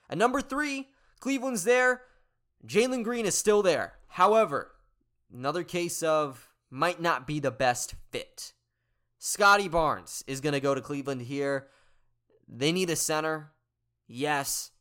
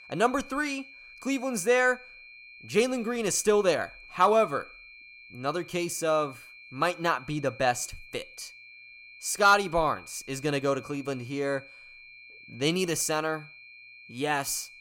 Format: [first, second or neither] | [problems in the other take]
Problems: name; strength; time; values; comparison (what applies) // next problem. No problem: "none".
first | high-pitched whine; noticeable; throughout; 2.5 kHz, 20 dB below the speech